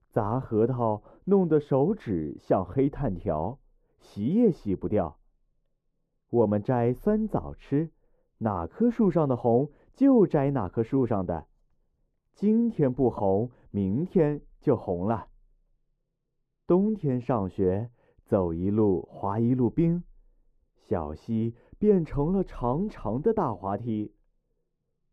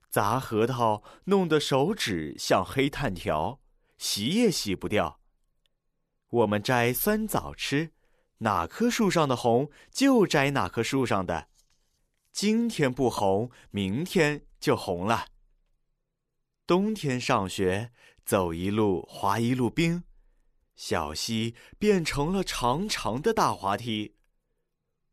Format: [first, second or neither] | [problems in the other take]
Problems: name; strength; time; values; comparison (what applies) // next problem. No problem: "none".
second | muffled; very; fading above 1.5 kHz